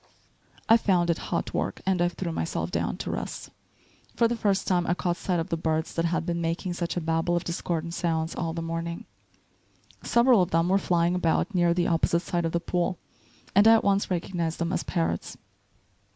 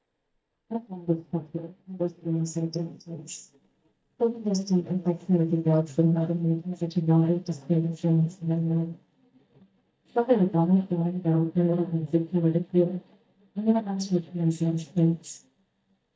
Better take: first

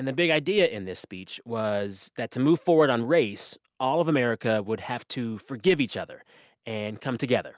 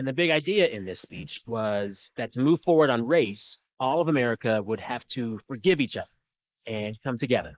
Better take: first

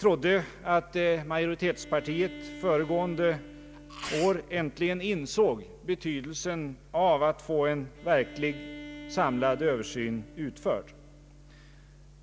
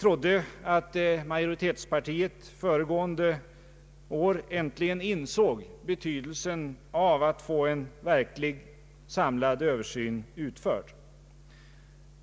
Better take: second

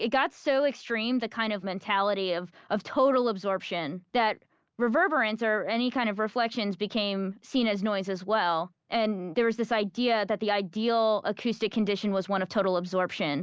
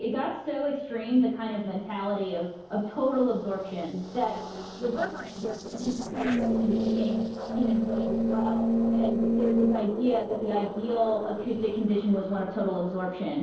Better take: first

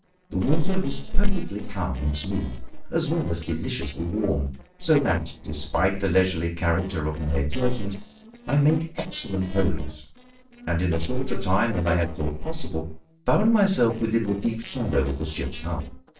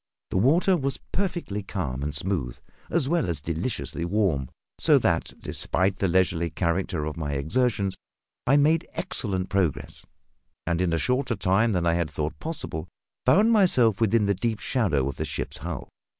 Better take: second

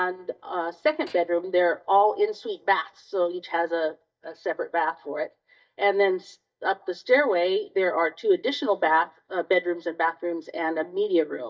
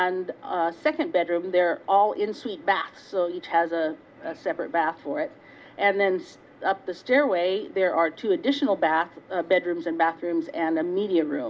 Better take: second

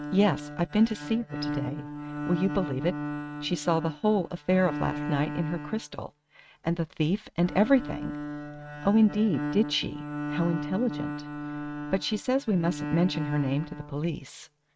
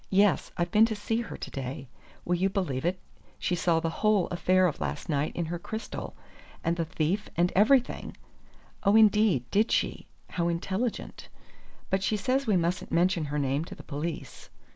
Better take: second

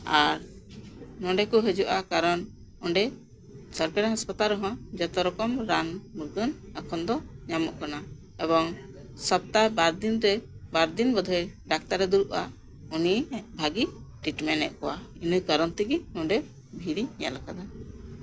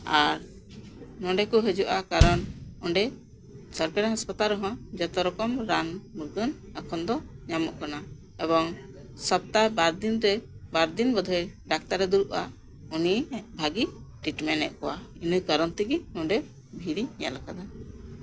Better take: first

